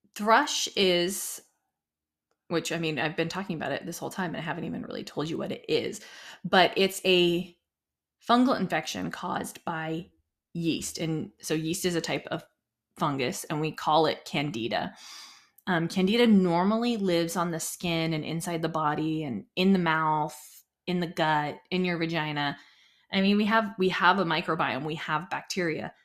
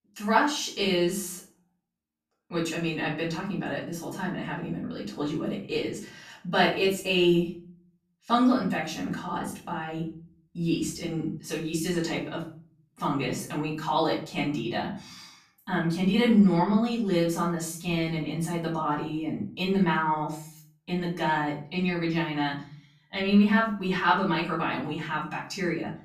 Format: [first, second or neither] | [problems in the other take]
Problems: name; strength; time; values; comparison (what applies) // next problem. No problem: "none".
first | off-mic speech; far // room echo; slight; dies away in 0.4 s